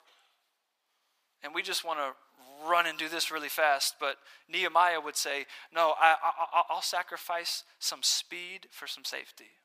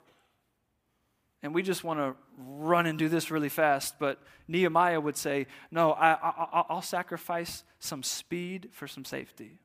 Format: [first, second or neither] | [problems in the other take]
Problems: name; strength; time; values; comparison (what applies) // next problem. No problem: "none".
second | thin; very; fading below 800 Hz